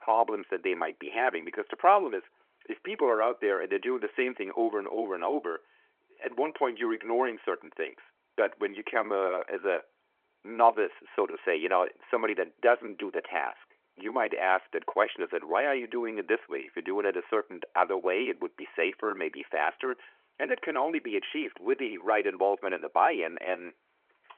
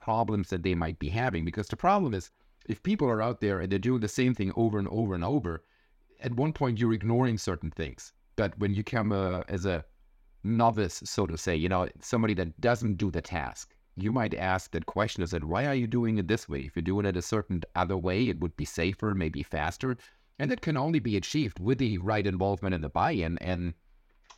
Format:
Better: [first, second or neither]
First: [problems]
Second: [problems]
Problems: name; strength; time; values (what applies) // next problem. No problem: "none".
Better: second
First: phone-call audio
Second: none